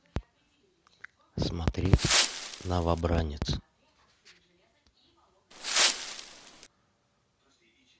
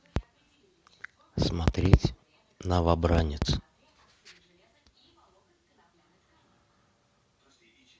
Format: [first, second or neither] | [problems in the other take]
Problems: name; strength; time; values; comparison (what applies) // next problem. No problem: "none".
second | background sound (Wind); 3 dB above the speech